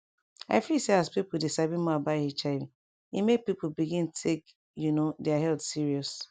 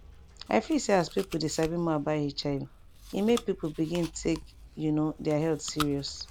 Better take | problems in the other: first | background sound (Chewing, mastication); 15 dB below the speech

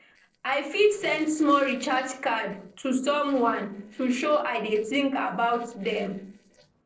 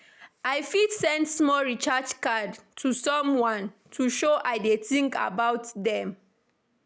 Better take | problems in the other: second | noise reduction (neural separator model SepFormer DNS4)

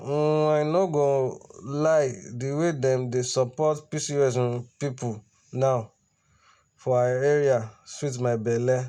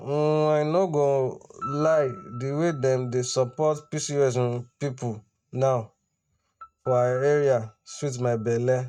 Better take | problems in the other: first | noise reduction (neural mask model RNNoise)

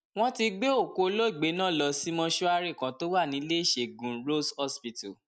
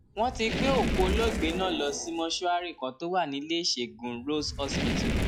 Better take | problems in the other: first | noise reduction (classical method log-MMSE)

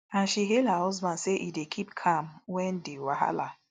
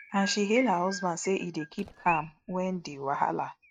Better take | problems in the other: first | noise reduction (neural mask model RNNoise)

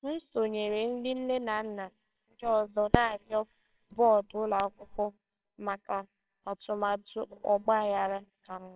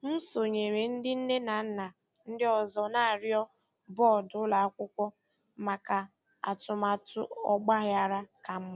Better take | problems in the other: second | noise reduction (neural separator model SepFormer WHAMR!)

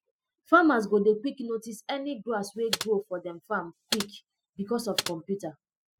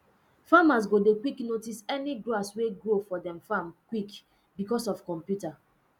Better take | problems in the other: second | noise reduction (classical method spectral subtraction)

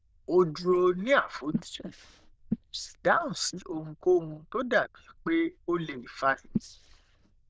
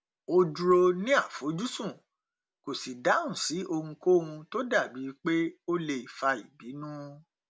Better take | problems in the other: second | noise reduction (neural diffusion model UNIVERSE++)

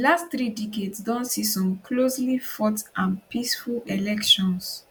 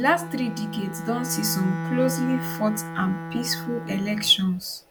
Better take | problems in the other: first | background sound (Bowed string instrument); 7 dB below the speech

